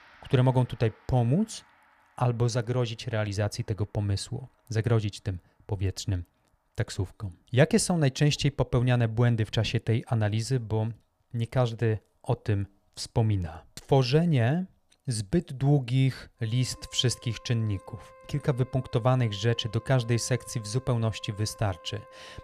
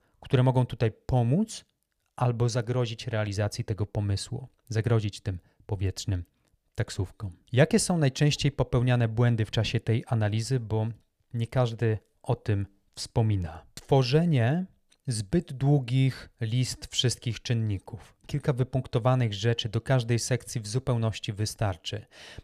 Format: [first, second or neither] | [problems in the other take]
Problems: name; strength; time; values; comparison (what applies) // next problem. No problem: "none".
second | background music; faint; throughout; 25 dB below the speech